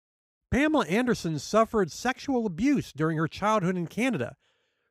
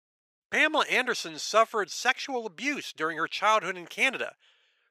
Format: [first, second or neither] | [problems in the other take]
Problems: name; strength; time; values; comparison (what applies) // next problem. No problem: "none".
first | thin; very; fading below 550 Hz